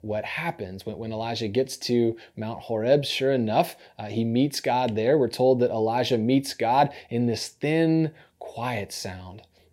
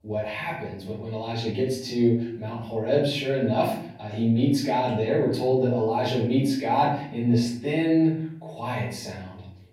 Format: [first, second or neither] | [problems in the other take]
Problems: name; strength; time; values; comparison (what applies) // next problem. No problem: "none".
first | off-mic speech; far // room echo; noticeable; dies away in 0.6 s